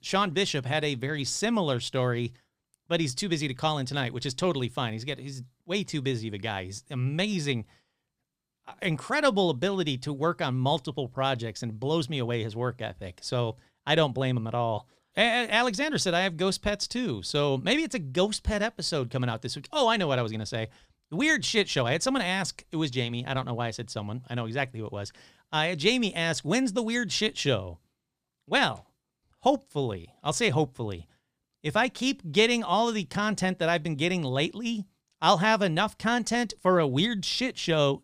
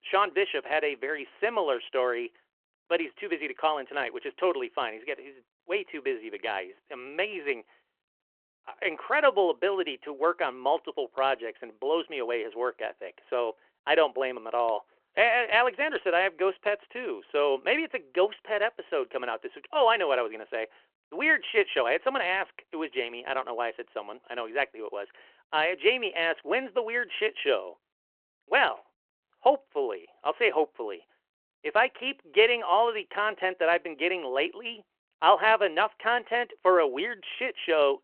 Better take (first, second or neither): first